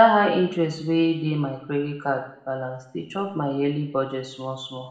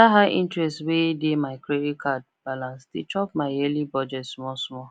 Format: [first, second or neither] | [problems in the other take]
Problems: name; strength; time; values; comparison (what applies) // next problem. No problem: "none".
second | room echo; dies away in 0.7 s